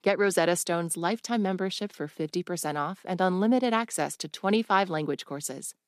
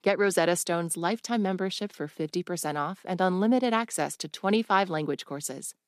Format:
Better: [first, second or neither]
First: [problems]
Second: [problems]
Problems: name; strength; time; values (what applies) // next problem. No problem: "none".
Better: neither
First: none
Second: none